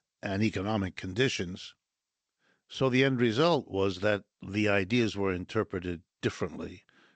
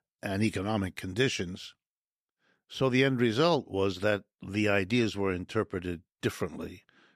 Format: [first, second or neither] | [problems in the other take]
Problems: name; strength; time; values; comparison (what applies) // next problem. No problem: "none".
second | garbled, watery; slightly; nothing above 8 kHz